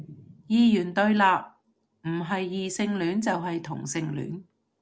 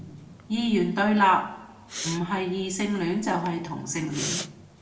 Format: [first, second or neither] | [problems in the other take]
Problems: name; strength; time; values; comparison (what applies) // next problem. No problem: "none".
first | background sound (Respiratory sounds); 13 dB below the speech // room echo; dies away in 0.7 s